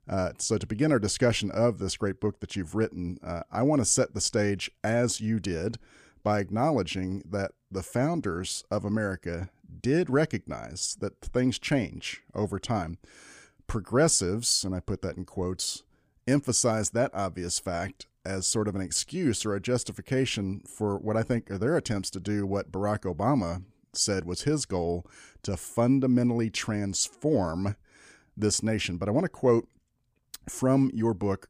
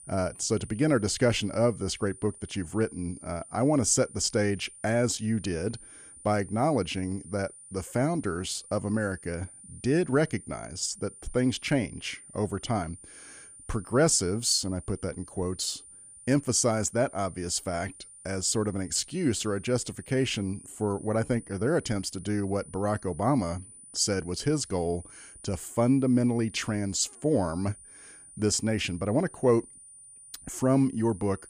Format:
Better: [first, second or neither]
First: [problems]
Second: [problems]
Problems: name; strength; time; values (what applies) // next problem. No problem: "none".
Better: first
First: none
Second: high-pitched whine; noticeable; throughout; 9.5 kHz, 20 dB below the speech